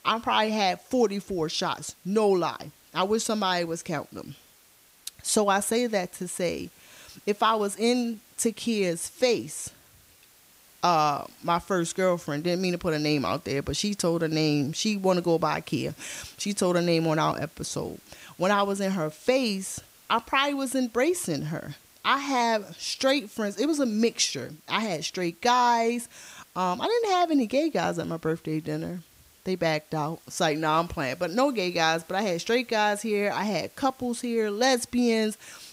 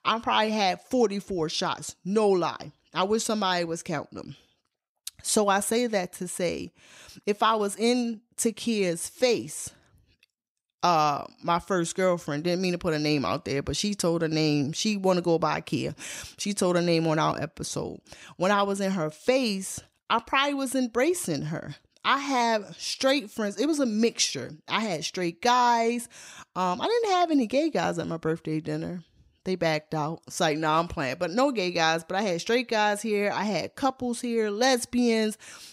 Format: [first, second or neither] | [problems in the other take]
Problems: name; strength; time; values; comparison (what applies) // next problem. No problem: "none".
second | hiss; faint; throughout; 25 dB below the speech